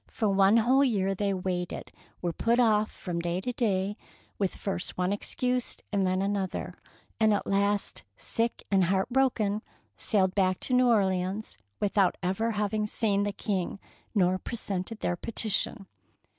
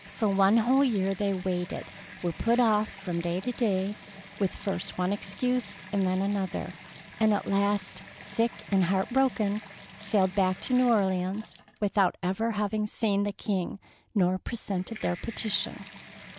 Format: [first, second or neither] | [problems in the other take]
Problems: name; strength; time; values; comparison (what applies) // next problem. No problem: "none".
first | background sound (Bathtub (filling or washing) / Water tap, faucet); 19 dB below the speech